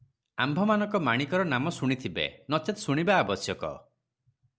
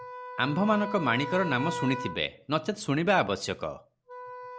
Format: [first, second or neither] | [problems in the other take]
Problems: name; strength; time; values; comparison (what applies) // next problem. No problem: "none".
first | background sound (Wind instrument, woodwind instrument); 10 dB below the speech